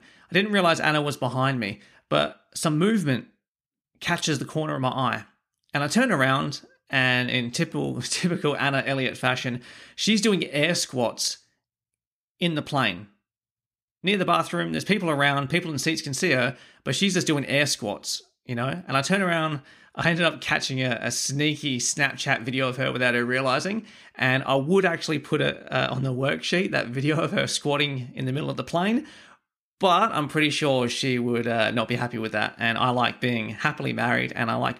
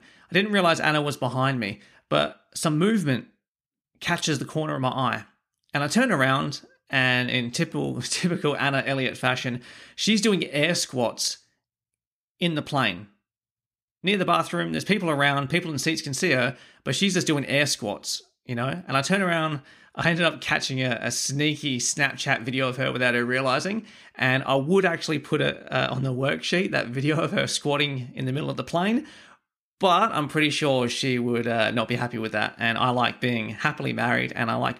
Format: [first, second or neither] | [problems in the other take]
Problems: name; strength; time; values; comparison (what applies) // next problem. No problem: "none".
neither | none